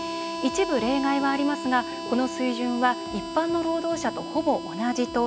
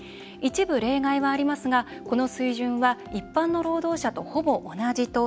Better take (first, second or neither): second